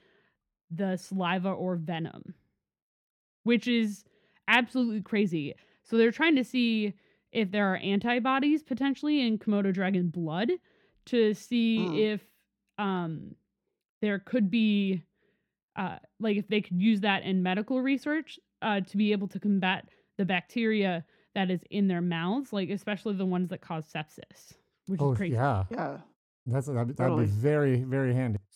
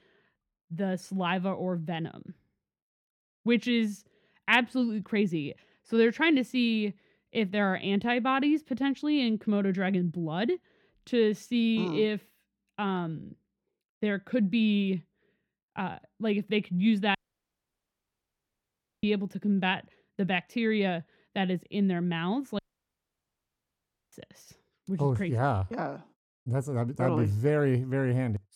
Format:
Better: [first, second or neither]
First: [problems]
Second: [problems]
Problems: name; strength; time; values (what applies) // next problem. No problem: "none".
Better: first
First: none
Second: audio cutting out; at 17 s for 2 s and at 23 s for 1.5 s